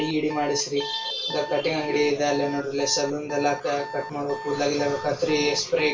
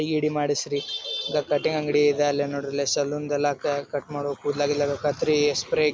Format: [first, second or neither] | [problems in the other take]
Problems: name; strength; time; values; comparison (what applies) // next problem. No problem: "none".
second | background sound (Alarm); 13 dB below the speech // room echo; dies away in 0.3 s